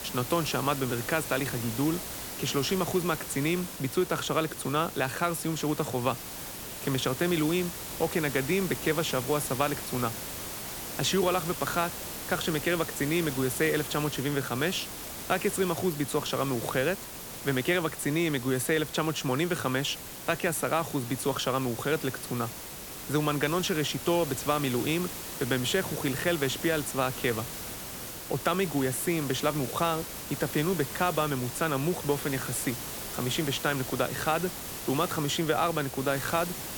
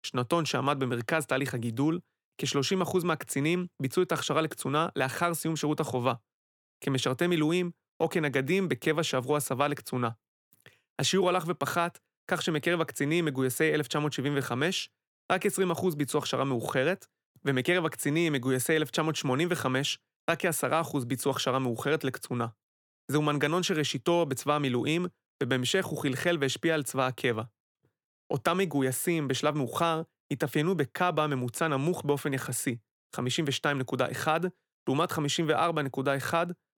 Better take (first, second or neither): second